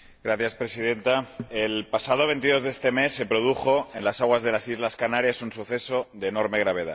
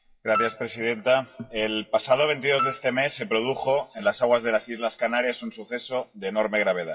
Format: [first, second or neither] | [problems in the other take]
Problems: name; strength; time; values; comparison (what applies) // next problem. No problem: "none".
first | noise reduction (classical method WPE with log-MMSE)